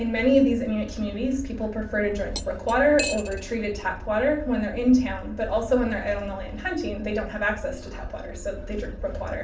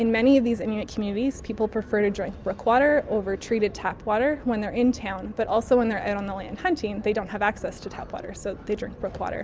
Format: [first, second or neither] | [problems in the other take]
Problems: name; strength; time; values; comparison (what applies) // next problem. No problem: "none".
second | background sound (Cutlery, silverware); 11 dB below the speech // room echo; dies away in 0.4 s